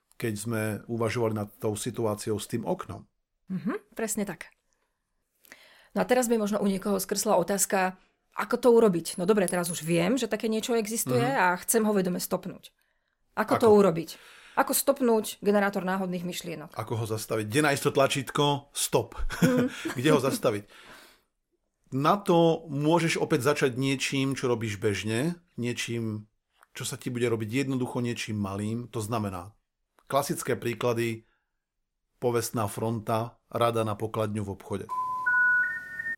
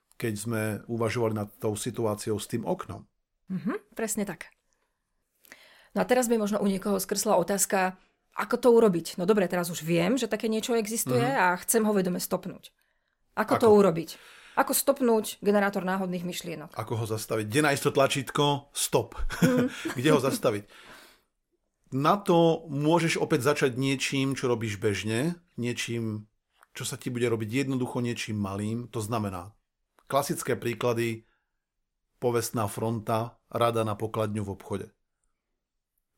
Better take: second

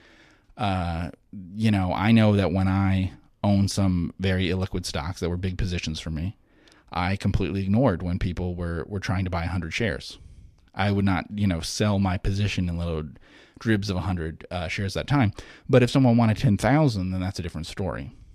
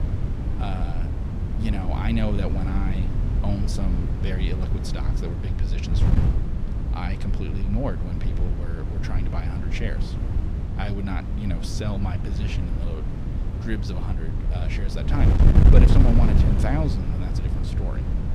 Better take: first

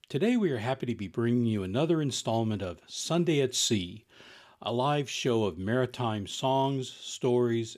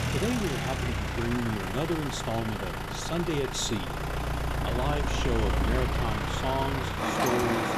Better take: first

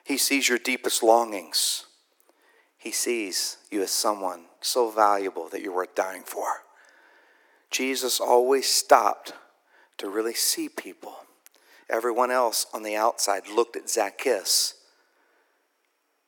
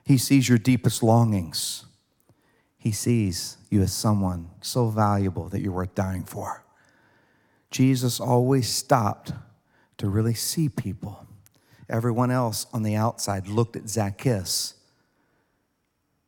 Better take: second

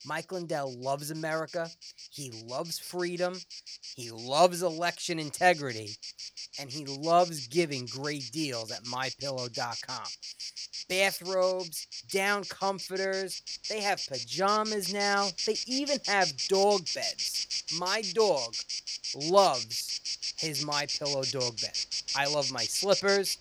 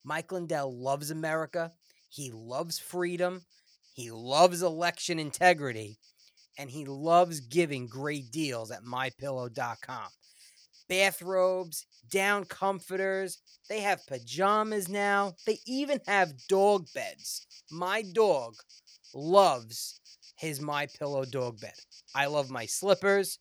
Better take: second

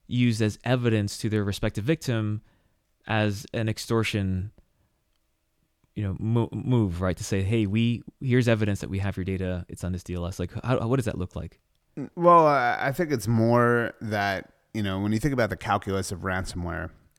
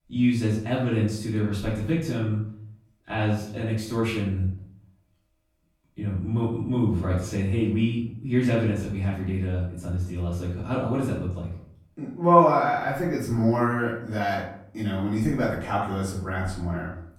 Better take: first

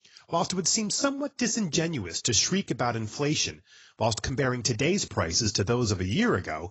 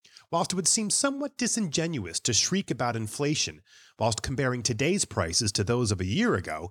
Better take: second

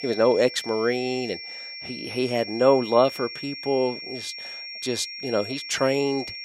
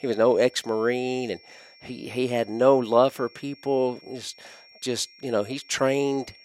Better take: second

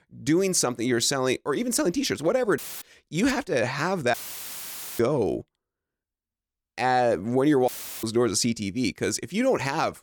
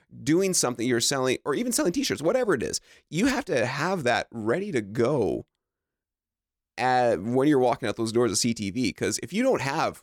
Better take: second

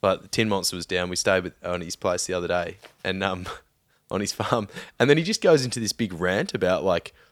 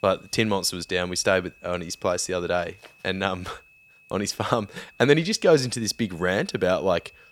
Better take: first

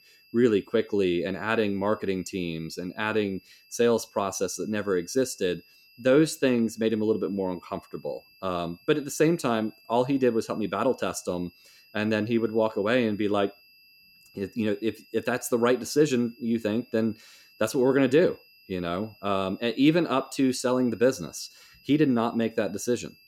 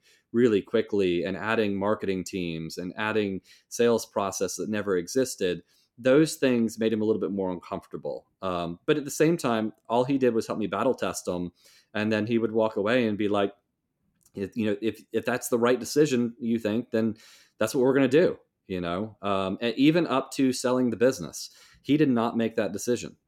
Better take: second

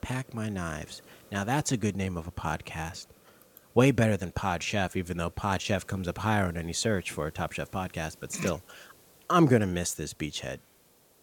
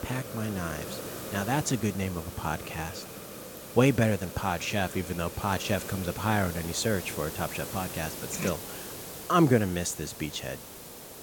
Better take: first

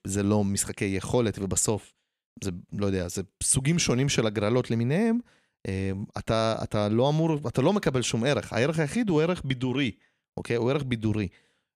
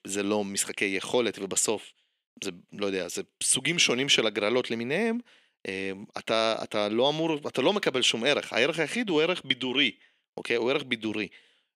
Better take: first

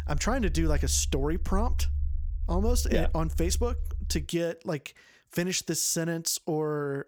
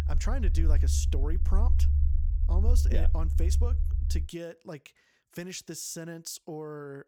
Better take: first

